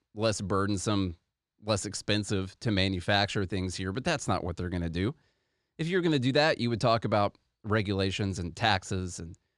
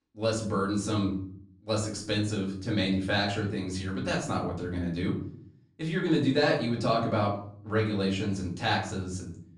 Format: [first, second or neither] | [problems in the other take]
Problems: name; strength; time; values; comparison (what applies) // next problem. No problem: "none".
first | off-mic speech; far // room echo; slight; dies away in 0.5 s